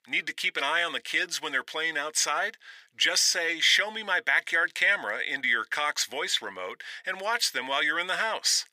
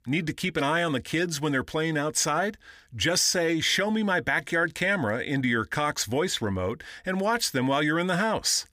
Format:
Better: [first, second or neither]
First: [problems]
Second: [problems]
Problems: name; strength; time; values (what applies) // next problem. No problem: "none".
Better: second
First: thin; very; fading below 600 Hz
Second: none